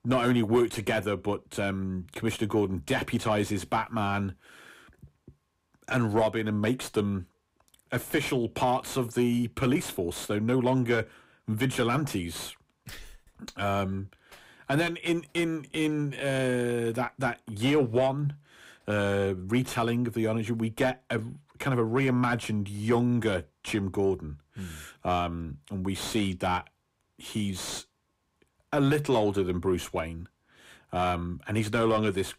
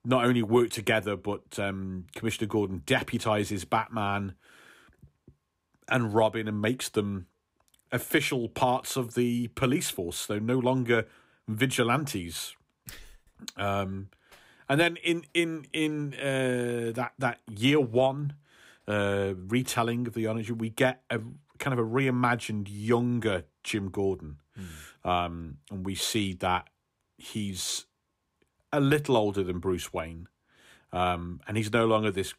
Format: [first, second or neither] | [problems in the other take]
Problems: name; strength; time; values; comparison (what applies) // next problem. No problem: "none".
second | distortion; slight; 10 dB below the speech